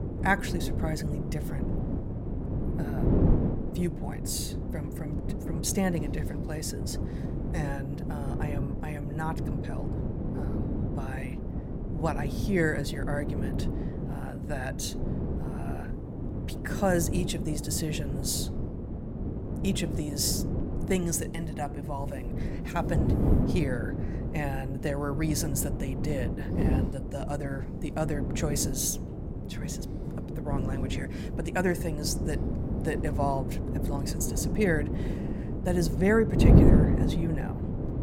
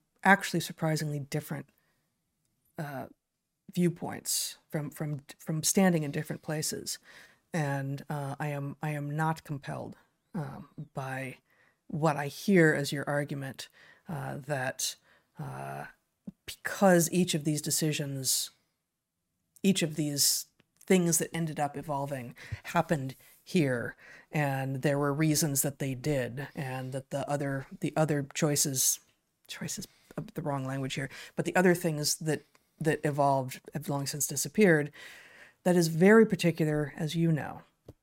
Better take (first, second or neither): second